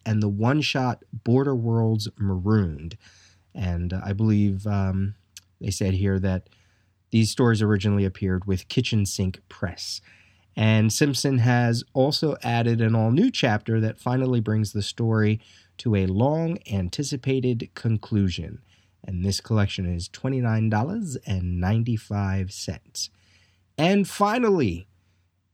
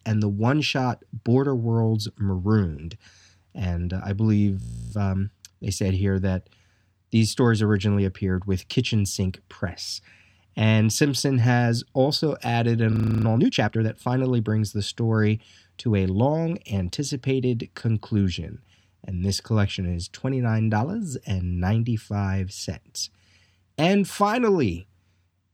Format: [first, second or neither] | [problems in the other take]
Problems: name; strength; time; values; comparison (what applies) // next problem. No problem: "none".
first | audio freezing; at 4.5 s and at 13 s